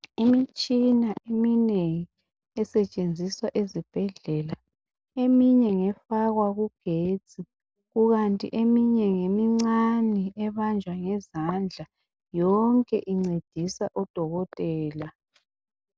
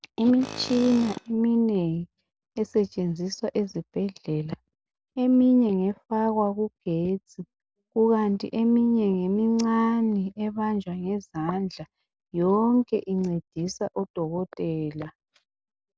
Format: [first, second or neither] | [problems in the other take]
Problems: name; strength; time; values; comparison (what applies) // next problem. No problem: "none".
first | background sound (Tools); 14 dB below the speech